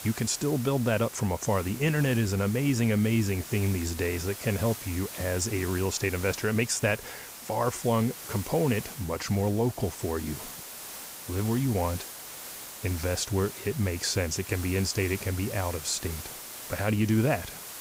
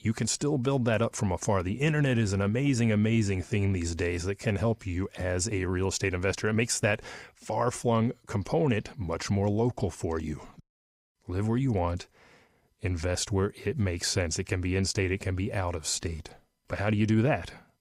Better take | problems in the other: second | hiss; noticeable; throughout; 10 dB below the speech

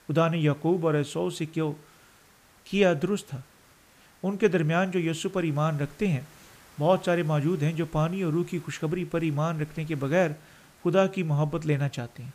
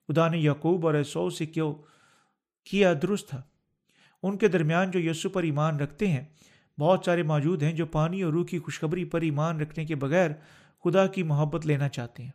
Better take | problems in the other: second | hiss; faint; throughout; 25 dB below the speech

